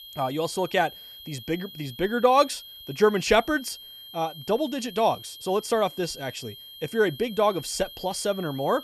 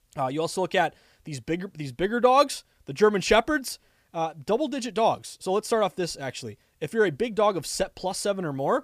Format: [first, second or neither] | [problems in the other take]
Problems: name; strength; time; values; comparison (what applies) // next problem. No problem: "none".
second | high-pitched whine; noticeable; throughout; 3 kHz, 15 dB below the speech